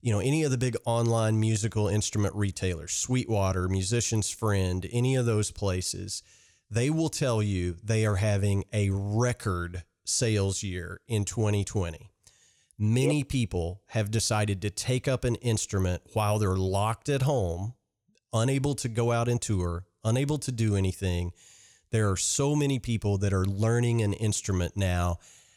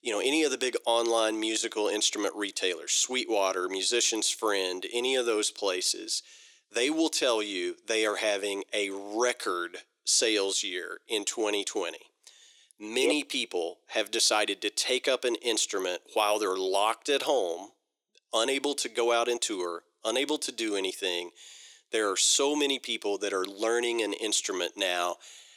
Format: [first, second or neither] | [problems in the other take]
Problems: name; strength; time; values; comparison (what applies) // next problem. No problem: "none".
first | thin; very; fading below 300 Hz